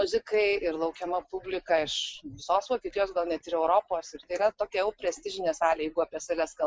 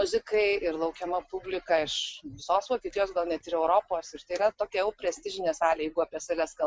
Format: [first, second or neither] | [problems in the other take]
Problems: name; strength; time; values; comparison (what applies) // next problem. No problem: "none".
second | noise reduction (neural mask model Resemble Enhance denoiser)